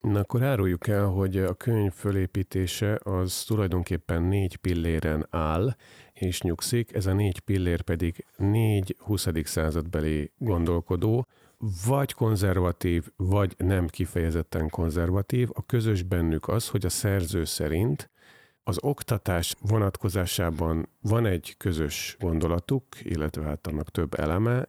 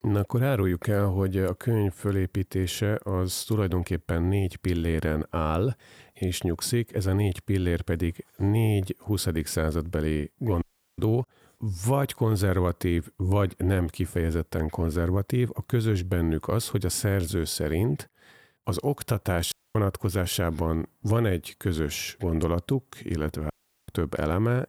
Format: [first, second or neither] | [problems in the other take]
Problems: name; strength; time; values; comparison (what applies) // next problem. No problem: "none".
first | audio cutting out; at 11 s, at 20 s and at 24 s